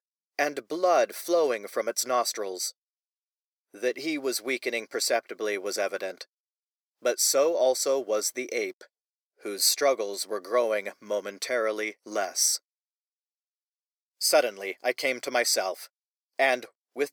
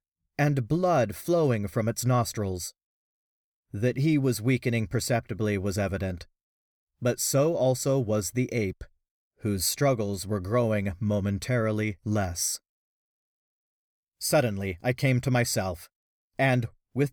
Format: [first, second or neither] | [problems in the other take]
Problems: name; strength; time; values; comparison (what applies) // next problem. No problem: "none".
second | thin; very; fading below 400 Hz